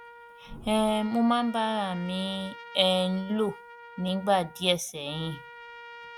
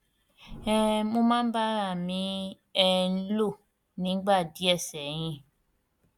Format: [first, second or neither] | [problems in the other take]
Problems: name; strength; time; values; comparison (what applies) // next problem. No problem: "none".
second | background sound (Trumpet); 17 dB below the speech